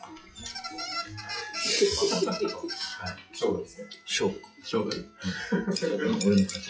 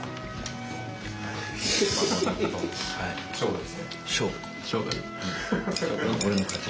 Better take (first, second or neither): second